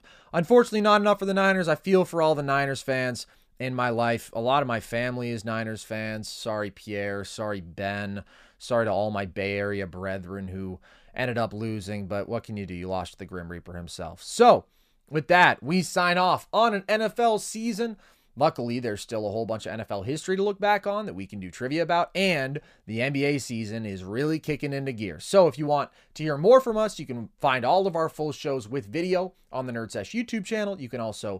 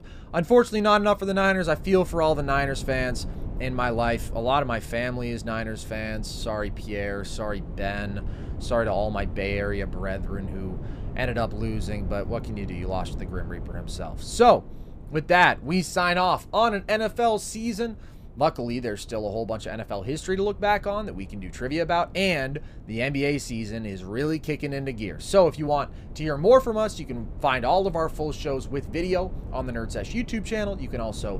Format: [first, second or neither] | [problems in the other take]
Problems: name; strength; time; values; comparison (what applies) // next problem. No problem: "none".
first | low rumble; faint; throughout; 25 dB below the speech